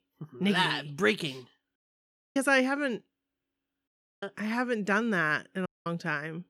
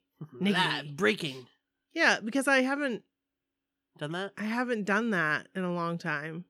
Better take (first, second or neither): second